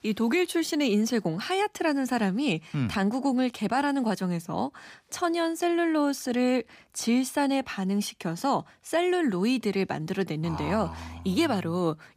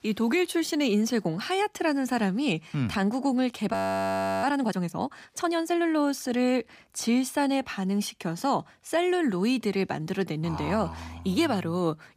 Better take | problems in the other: first | audio freezing; at 3.5 s for 0.5 s

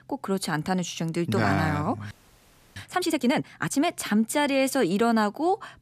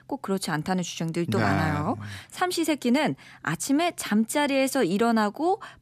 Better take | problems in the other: second | audio freezing; at 2 s for 0.5 s

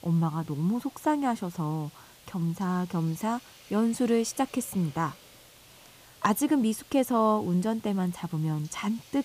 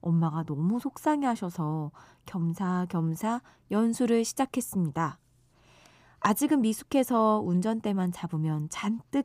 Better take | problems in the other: second | hiss; faint; throughout; 25 dB below the speech

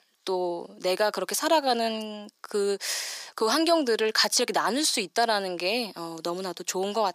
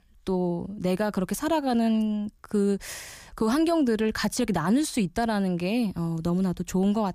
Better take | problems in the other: second | thin; very; fading below 400 Hz

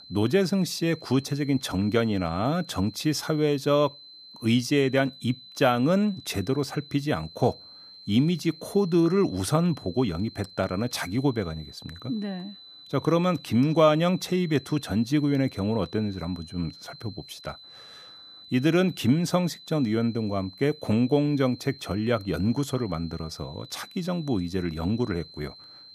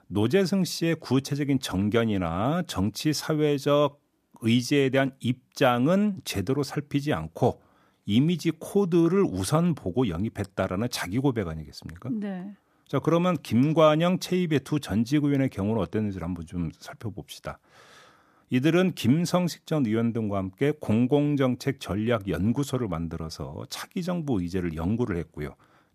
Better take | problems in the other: second | high-pitched whine; noticeable; throughout; 4 kHz, 20 dB below the speech

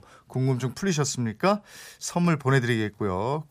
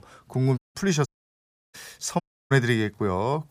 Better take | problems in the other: first | audio cutting out; at 0.5 s, at 1 s for 0.5 s and at 2 s

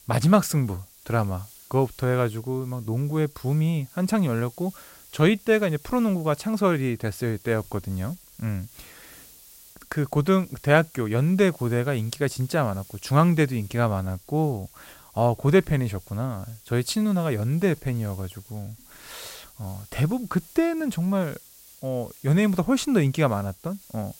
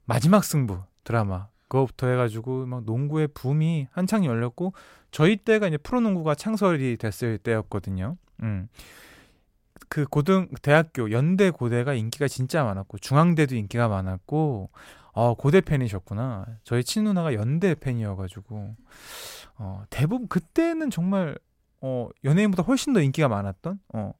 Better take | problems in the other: second | hiss; faint; throughout; 25 dB below the speech

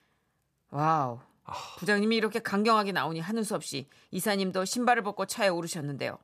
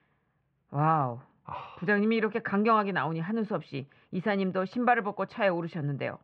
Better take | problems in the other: first | muffled; very; fading above 2.5 kHz

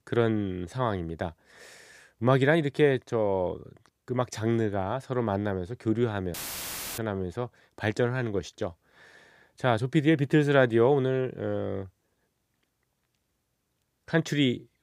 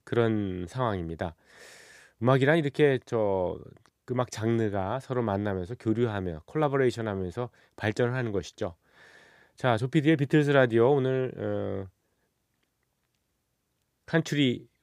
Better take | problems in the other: second | audio cutting out; filled with static; at 6.5 s for 0.5 s

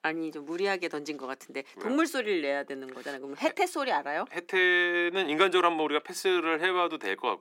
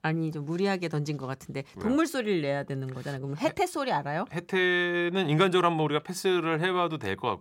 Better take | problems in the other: second | thin; somewhat; fading below 250 Hz

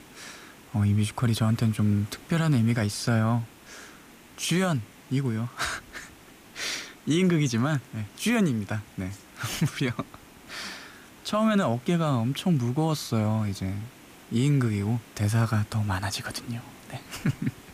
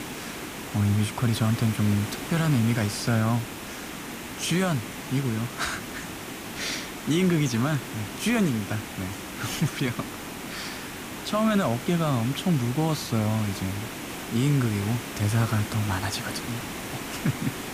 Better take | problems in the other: first | hiss; loud; throughout; 8 dB below the speech; faint in the first

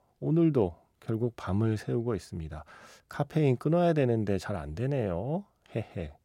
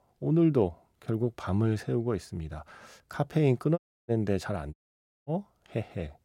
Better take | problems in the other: first | audio cutting out; at 4 s and at 4.5 s for 0.5 s

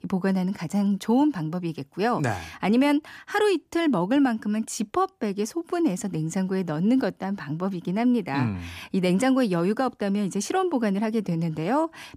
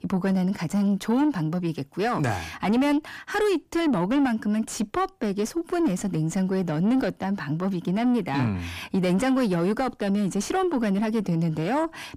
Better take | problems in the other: first | distortion; slight; 10 dB below the speech

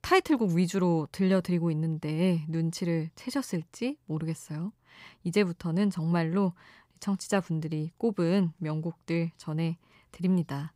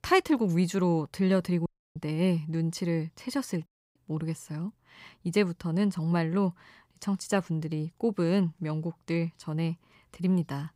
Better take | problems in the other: first | audio cutting out; at 1.5 s and at 3.5 s

